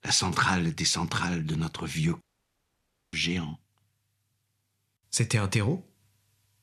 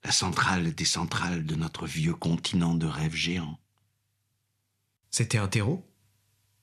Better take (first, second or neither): second